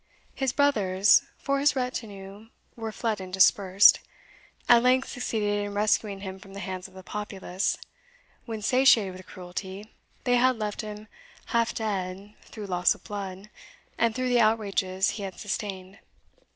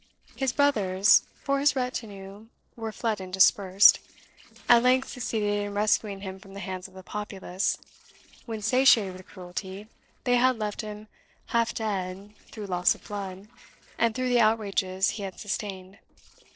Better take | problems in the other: first | noise reduction (neural separator model SepFormer DNS4)

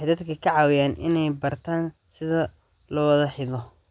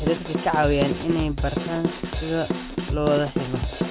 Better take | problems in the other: first | background sound (Drum / Drum kit); 2 dB below the speech

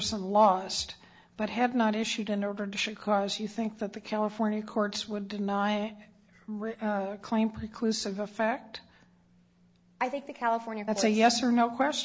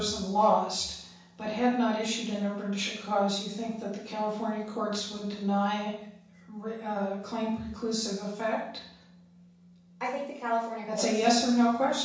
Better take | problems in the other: first | room echo; dies away in 0.7 s

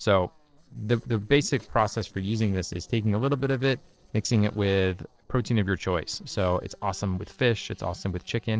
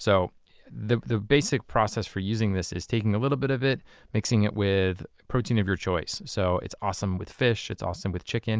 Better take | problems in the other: second | noise reduction (neural separator model SepFormer DNS4)

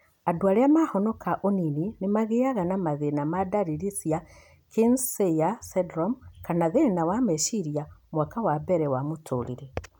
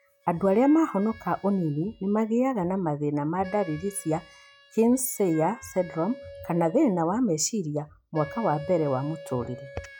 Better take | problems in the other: first | noise reduction (classical method log-MMSE)

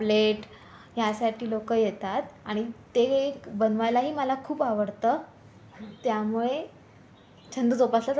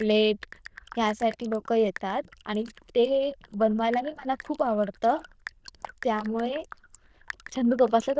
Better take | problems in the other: first | noise reduction (neural diffusion model UNIVERSE++)

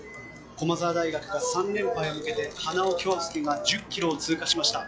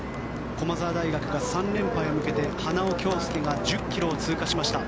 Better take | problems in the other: second | noise reduction (classical method log-MMSE)

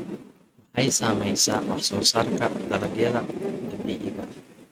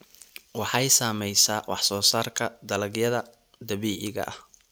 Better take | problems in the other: second | noise reduction (neural mask model RNNoise)

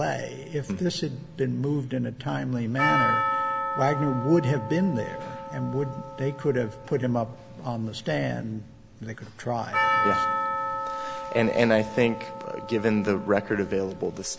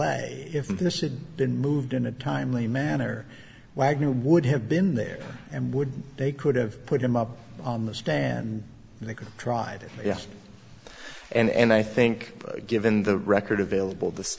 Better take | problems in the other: second | background sound (Percussion); 4 dB below the speech

